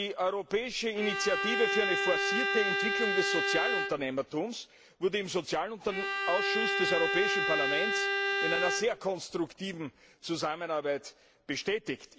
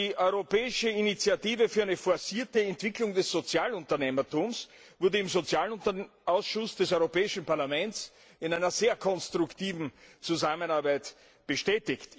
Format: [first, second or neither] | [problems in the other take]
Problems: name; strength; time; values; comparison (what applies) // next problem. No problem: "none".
second | background sound (Bowed string instrument); 2 dB above the speech